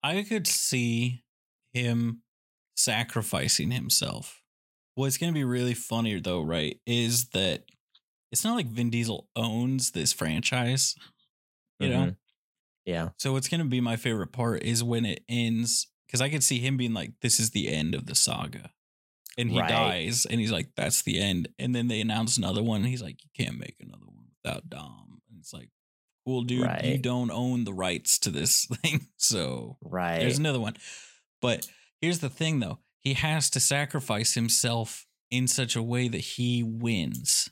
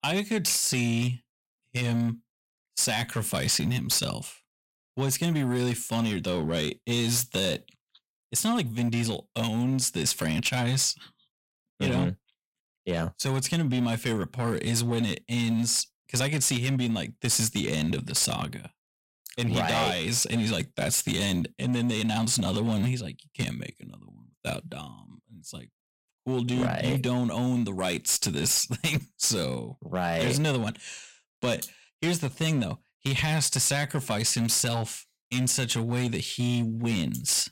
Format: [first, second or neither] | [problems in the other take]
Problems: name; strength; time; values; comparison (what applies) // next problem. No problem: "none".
first | distortion; slight; 8% of the sound clipped